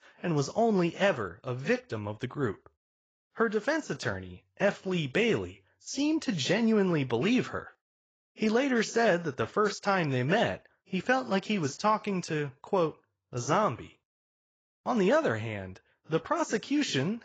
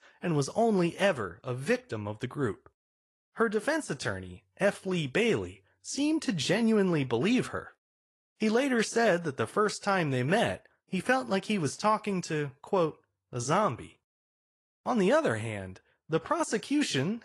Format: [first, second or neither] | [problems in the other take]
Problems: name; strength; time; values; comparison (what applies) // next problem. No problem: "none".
second | garbled, watery; badly; nothing above 7.5 kHz; slightly in the second